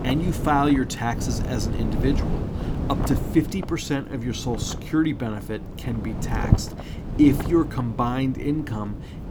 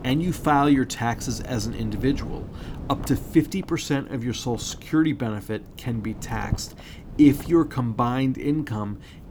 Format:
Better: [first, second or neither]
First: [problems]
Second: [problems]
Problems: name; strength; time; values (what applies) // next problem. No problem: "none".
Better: second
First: wind noise on the microphone; heavy; 9 dB below the speech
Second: wind noise on the microphone; occasional gusts; 20 dB below the speech